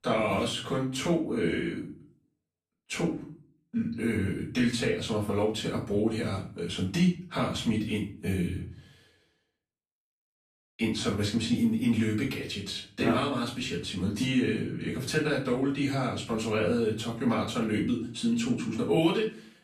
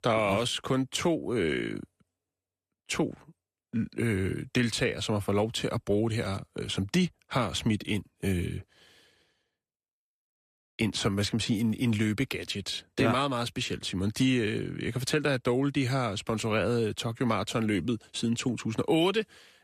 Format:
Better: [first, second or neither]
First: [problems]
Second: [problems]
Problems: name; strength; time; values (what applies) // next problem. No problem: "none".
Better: second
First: off-mic speech; far // room echo; slight; dies away in 0.4 s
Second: none